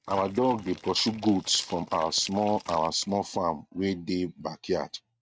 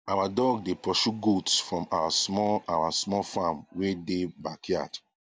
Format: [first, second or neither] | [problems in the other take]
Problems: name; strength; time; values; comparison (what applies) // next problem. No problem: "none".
second | noise reduction (neural mask model RNNoise)